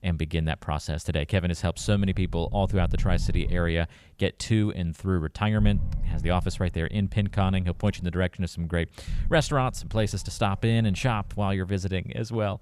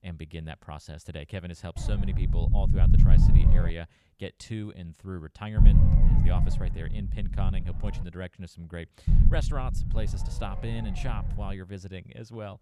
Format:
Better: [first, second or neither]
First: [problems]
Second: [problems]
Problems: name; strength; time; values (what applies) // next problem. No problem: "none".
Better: first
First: low rumble; faint; from 2 to 3.5 s, from 5.5 to 8 s and from 9 to 12 s; 20 dB below the speech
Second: low rumble; loud; from 2 to 3.5 s, from 5.5 to 8 s and from 9 to 12 s; as loud as the speech